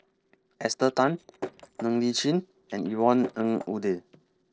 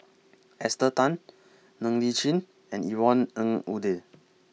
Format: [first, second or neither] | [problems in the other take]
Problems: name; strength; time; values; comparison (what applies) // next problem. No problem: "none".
second | noise reduction (neural separator model SepFormer DNS4)